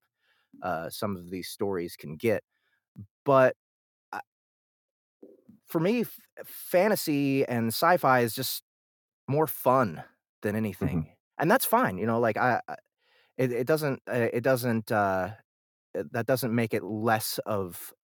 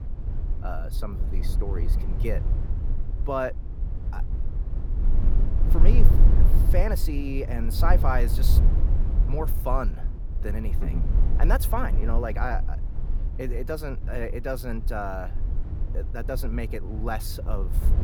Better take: first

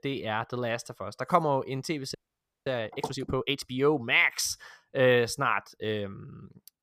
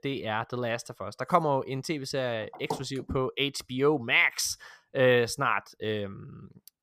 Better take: second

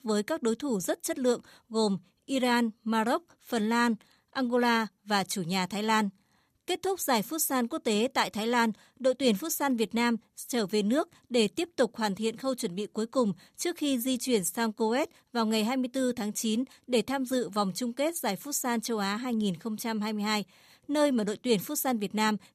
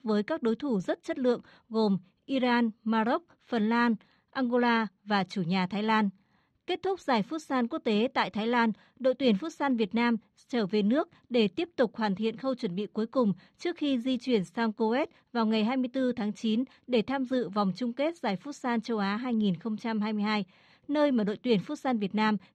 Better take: first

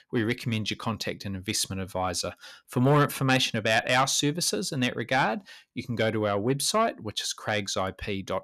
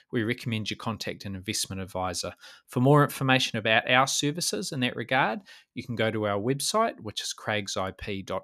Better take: second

